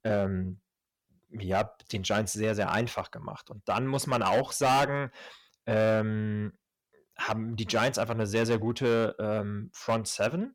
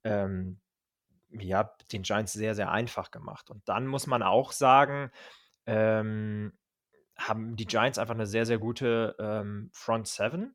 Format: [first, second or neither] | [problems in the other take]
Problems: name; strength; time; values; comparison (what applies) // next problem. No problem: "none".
second | distortion; heavy; 5% of the sound clipped